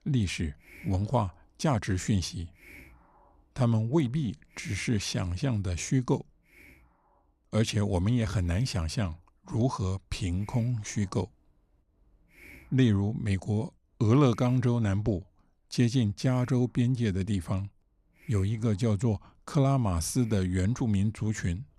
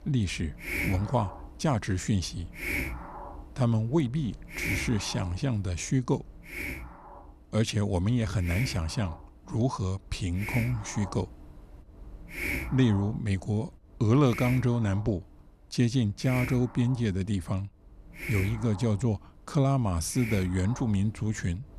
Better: first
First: hiss; faint; throughout; 25 dB below the speech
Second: hiss; loud; throughout; 9 dB below the speech

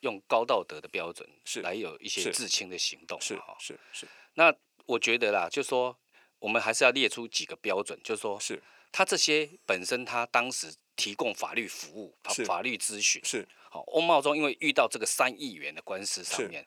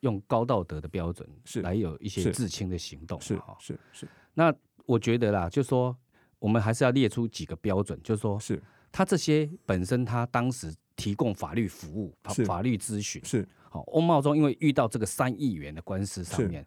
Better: second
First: thin; very; fading below 550 Hz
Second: none

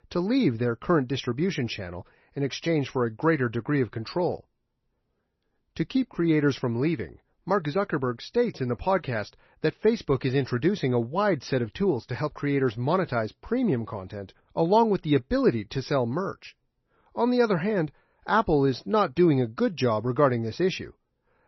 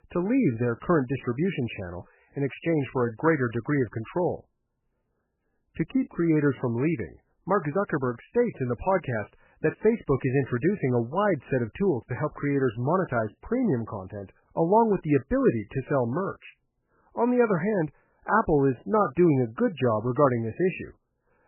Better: first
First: garbled, watery; slightly; nothing above 6 kHz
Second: garbled, watery; badly; nothing above 3 kHz

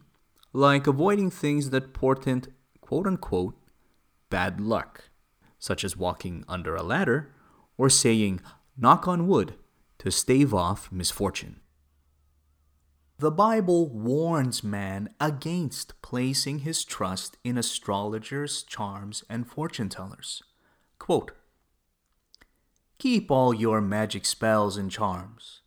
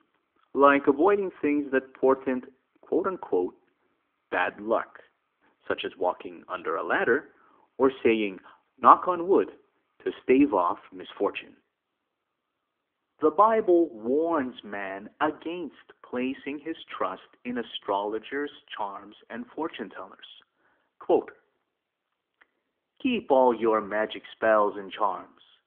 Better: first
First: none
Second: phone-call audio; nothing above 3.5 kHz

